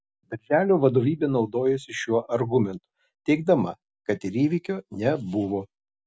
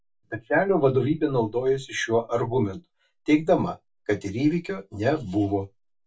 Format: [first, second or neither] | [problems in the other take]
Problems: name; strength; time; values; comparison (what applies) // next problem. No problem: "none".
first | room echo; dies away in 0.1 s